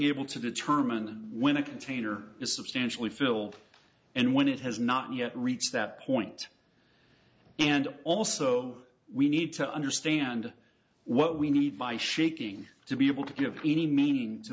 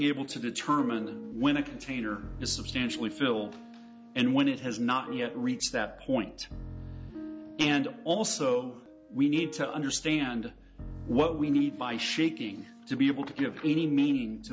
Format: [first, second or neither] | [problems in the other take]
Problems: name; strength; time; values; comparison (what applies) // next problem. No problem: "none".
first | background sound (Piano); 14 dB below the speech